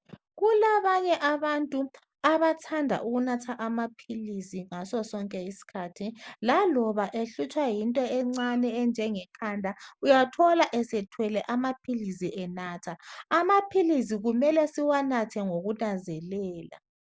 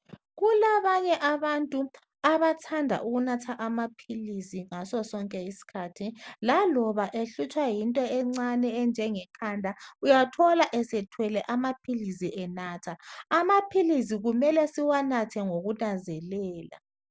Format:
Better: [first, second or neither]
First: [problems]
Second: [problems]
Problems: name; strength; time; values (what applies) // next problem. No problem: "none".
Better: second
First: noise reduction (neural mask model Resemble Enhance denoiser)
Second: none